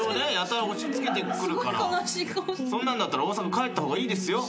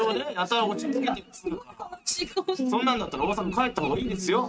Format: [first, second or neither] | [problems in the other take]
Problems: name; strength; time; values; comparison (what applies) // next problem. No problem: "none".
first | noise reduction (neural mask model RNNoise)